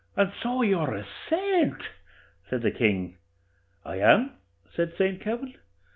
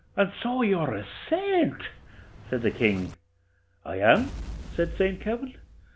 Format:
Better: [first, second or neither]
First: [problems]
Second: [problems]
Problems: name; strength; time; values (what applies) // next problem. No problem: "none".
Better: first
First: none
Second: background sound (Explosion); 15 dB below the speech